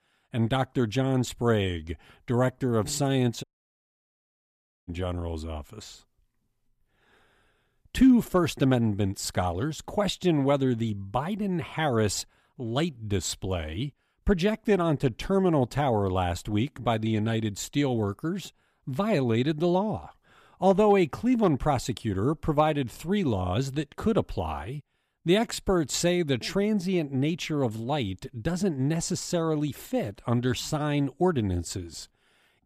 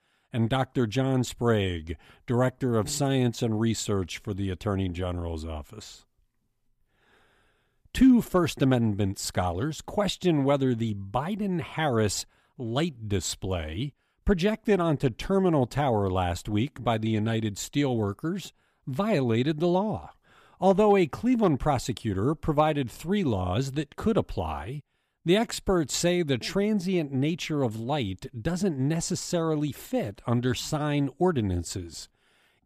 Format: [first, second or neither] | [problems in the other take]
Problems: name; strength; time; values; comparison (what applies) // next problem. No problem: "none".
second | audio cutting out; at 3.5 s for 1.5 s